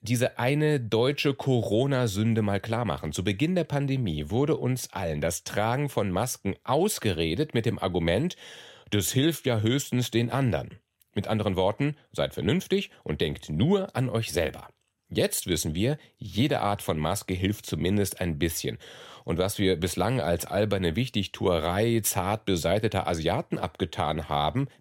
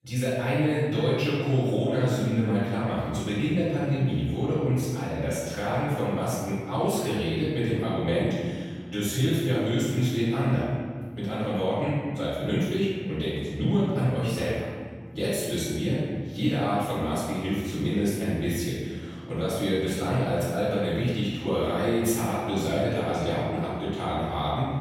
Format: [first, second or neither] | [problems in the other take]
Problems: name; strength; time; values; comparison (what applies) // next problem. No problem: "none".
first | off-mic speech; far // room echo; strong; dies away in 1.7 s